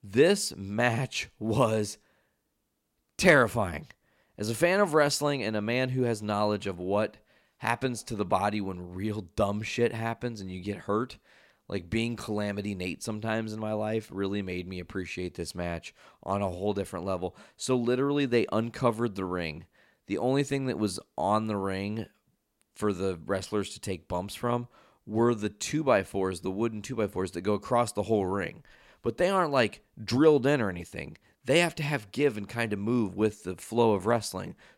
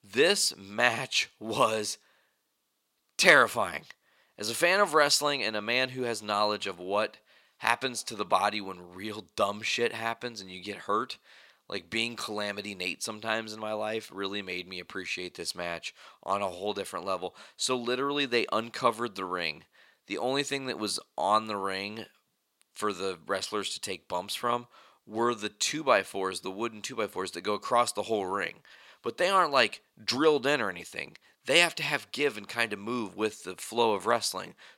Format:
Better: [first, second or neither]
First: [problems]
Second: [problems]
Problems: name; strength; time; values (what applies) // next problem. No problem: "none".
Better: first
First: none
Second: thin; somewhat; fading below 800 Hz